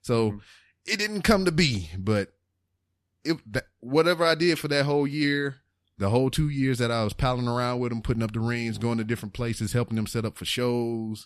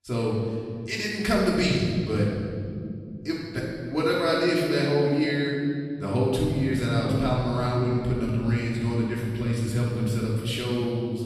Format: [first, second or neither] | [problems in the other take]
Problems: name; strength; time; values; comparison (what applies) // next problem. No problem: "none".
first | off-mic speech; far // room echo; strong; dies away in 2.7 s